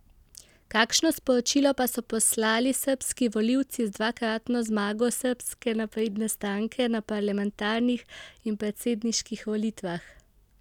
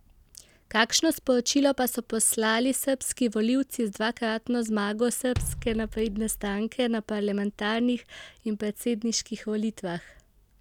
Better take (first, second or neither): first